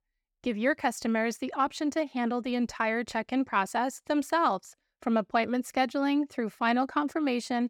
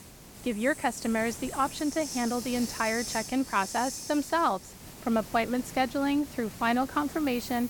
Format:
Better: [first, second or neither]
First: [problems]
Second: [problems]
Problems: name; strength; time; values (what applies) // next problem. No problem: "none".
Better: first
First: none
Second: hiss; noticeable; throughout; 10 dB below the speech